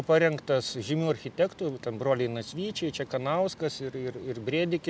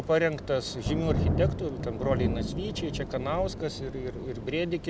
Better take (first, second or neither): first